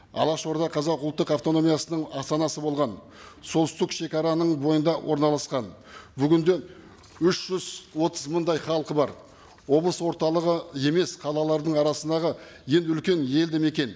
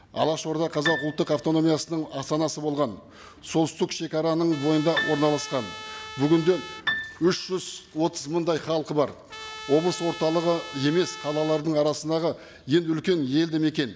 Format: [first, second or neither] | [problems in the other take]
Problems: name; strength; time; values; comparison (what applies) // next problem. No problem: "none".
first | background sound (Piano + Trumpet); 11 dB below the speech